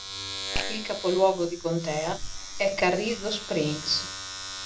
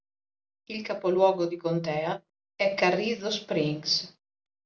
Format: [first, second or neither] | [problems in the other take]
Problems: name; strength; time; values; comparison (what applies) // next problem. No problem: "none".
second | background sound (Domestic sounds, home sounds); 7 dB below the speech